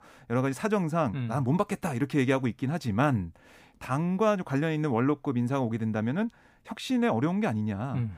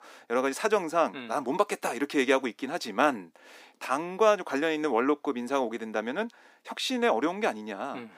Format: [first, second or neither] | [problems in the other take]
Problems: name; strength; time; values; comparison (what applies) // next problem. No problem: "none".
first | thin; somewhat; fading below 300 Hz